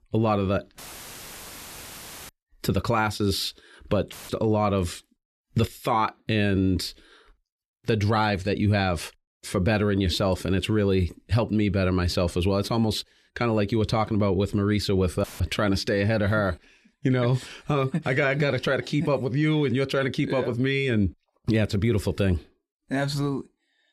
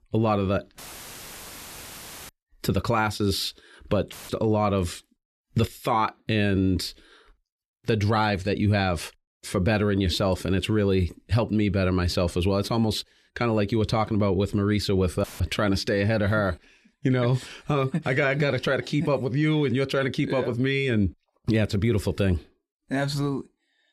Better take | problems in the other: neither | audio cutting out; filled with static; at 1 s for 1.5 s, at 4 s and at 15 s; the same in both

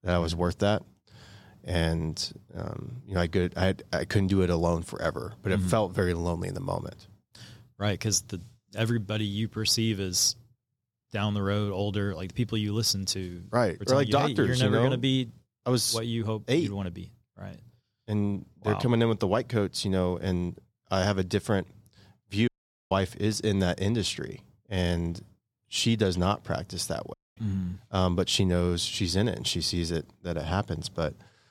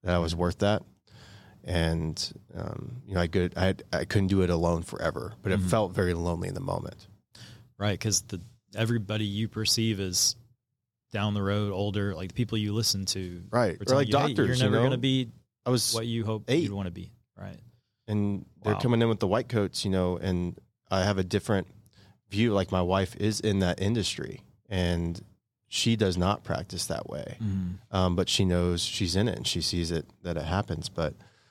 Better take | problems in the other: second | audio cutting out; at 22 s and at 27 s

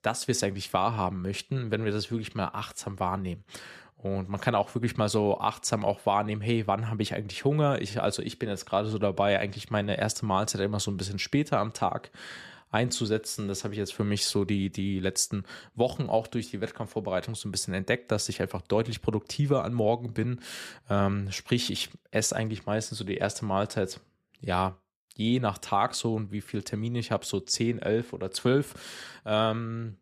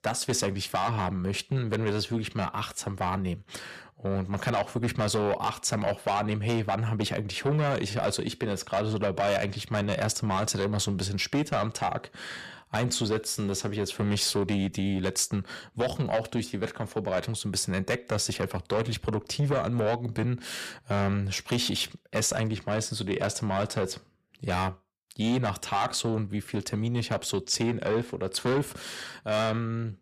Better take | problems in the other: first | distortion; heavy; 8 dB below the speech

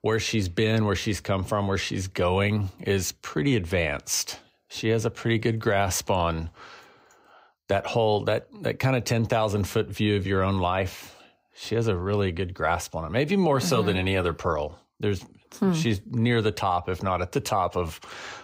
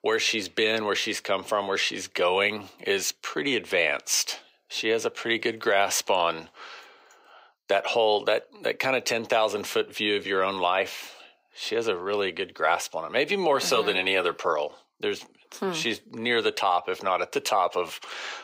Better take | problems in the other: first | thin; somewhat; fading below 450 Hz

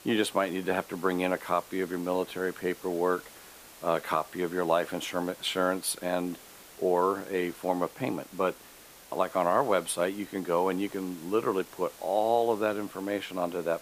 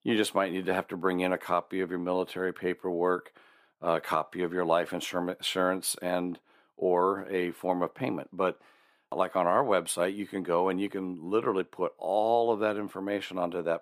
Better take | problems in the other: second | hiss; noticeable; throughout; 20 dB below the speech

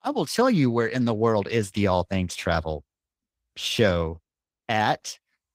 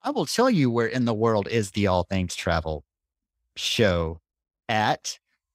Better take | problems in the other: second | garbled, watery; slightly; nothing above 15.5 kHz

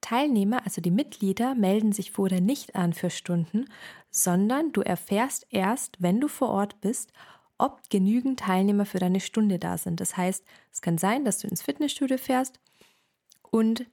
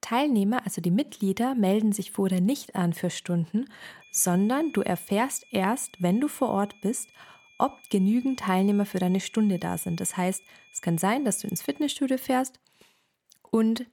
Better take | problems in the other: first | high-pitched whine; faint; from 4 to 12 s; 2.5 kHz, 25 dB below the speech

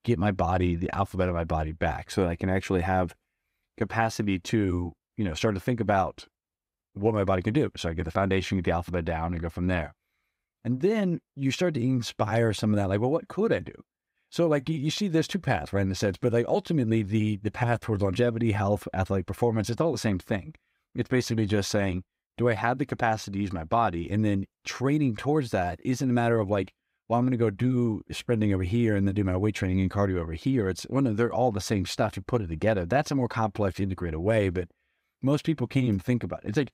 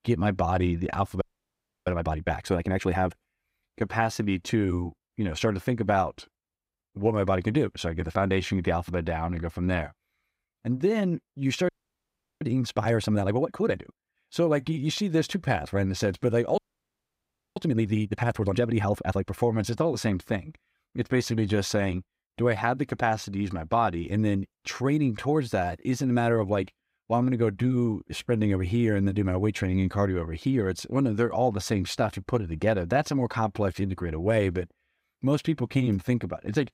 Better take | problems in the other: first | audio freezing; at 1 s for 0.5 s, at 12 s for 0.5 s and at 17 s for 1 s

